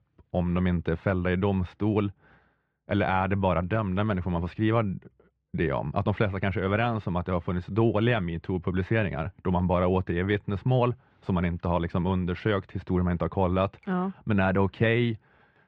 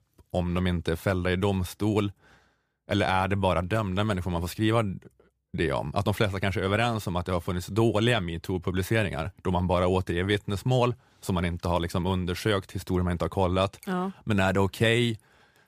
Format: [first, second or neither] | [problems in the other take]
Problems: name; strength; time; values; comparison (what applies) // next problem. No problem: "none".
second | muffled; very; fading above 2.5 kHz